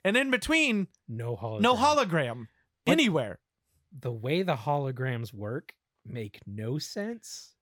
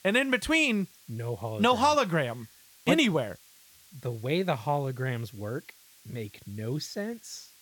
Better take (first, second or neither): first